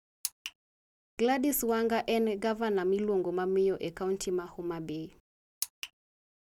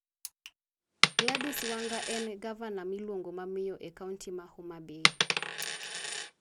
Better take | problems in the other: first | background sound (Coin (dropping)); 5 dB above the speech

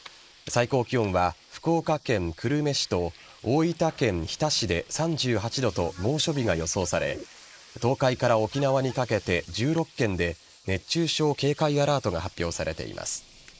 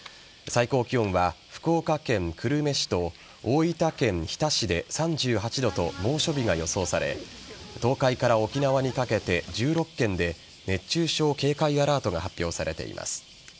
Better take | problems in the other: second | noise reduction (neural mask model Resemble Enhance denoiser)

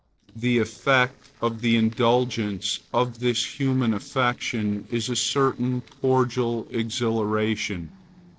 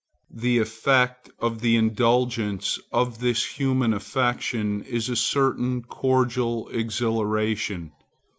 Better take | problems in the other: second | noise reduction (neural separator model SepFormer DNS4)

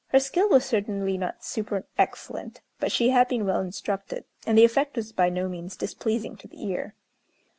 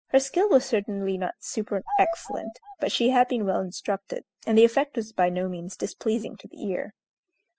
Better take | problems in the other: first | noise reduction (classical method spectral subtraction)

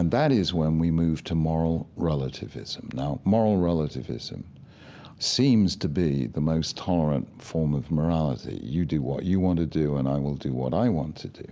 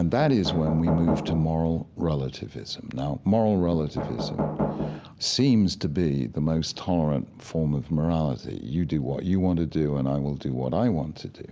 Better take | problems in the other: first | background sound (Knock); 4 dB below the speech

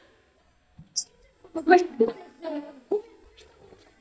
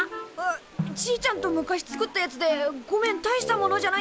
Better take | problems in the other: second | noise reduction (neural mask model DeepFilterNet 3)

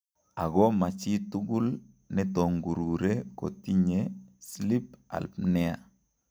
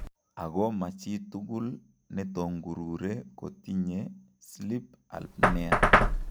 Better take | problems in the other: first | background sound (Knock); 3 dB above the speech

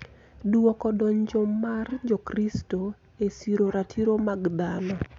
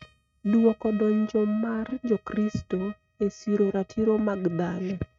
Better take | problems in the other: first | noise reduction (neural mask model RNNoise)

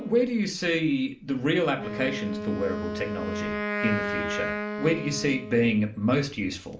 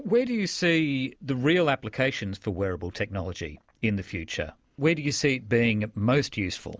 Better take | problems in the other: second | background sound (Wind instrument, woodwind instrument); 7 dB below the speech // room echo; dies away in 0.4 s

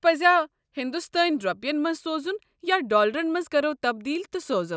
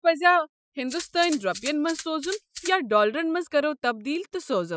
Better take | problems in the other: first | noise reduction (classical method Wiener filter)

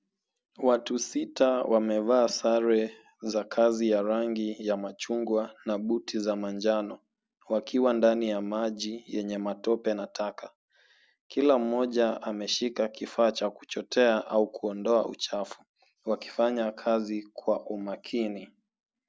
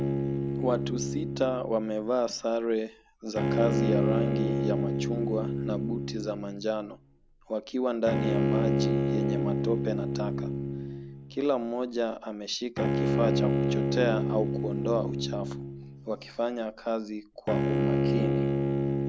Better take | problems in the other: first | background sound (Bowed string instrument); 3 dB above the speech

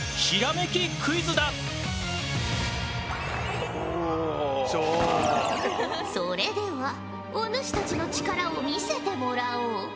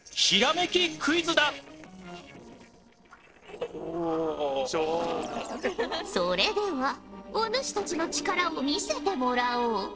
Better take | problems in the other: first | noise reduction (neural separator model SepFormer DNS4)

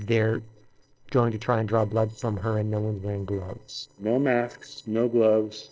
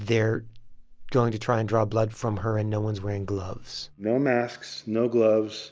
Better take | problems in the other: second | noise reduction (neural separator model SepFormer DNS4)

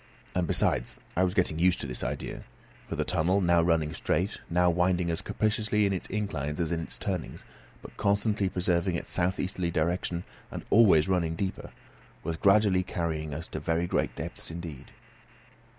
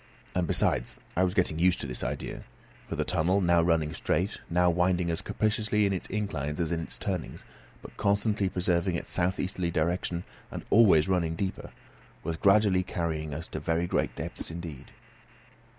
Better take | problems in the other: first | background sound (Whoosh, swoosh, swish); 20 dB below the speech

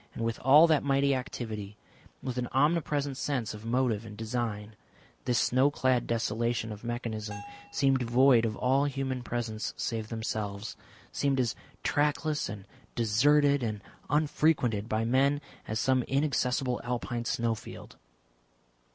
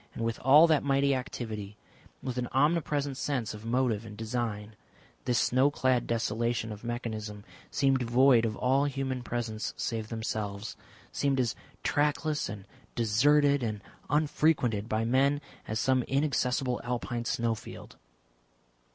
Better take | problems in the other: second | background sound (Bell); 20 dB below the speech

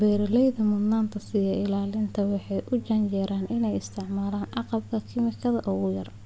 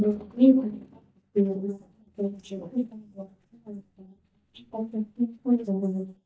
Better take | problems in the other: first | noise reduction (neural mask model DeepFilterNet 3)

